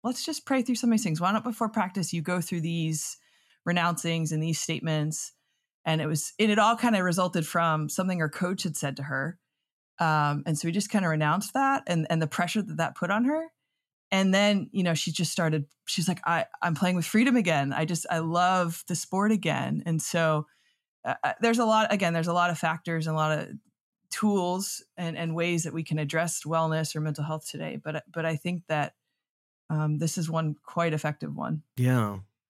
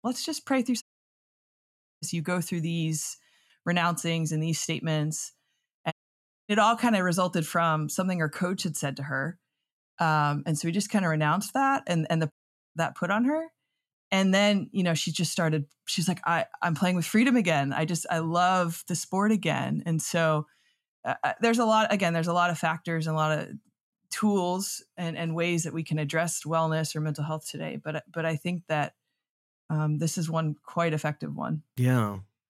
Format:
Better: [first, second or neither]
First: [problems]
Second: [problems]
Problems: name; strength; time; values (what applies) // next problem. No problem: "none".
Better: first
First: none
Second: audio cutting out; at 1 s for 1 s, at 6 s for 0.5 s and at 12 s